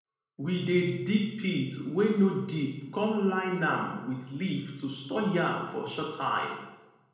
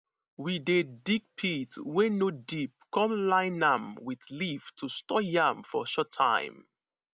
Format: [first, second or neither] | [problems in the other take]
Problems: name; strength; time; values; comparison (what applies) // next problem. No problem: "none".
second | room echo; dies away in 1 s